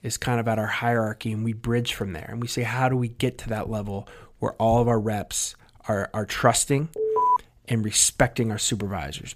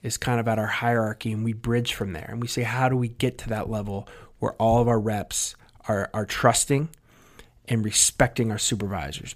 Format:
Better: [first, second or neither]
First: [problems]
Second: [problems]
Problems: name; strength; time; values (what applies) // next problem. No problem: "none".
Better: second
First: alarm; loud; at 7 s; peak 3 dB above the speech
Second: none